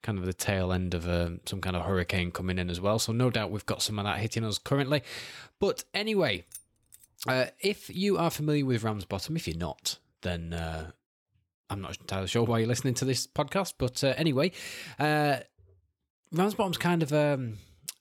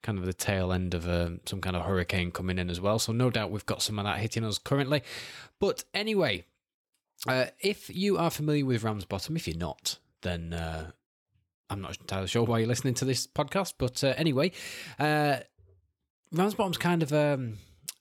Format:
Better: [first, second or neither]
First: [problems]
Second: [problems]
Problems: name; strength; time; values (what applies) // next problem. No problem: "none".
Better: second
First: jangling keys; faint; at 6.5 s; peak 15 dB below the speech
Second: none